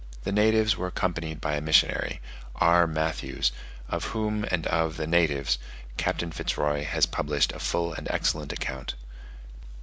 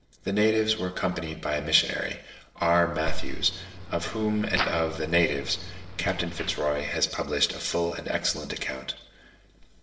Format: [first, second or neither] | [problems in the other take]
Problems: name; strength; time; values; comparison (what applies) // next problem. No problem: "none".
first | noise reduction (neural separator model SepFormer DNS4)